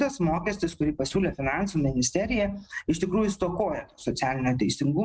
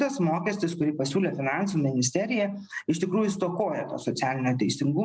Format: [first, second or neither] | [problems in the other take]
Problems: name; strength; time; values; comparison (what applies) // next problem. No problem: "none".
second | noise reduction (neural mask model RNNoise)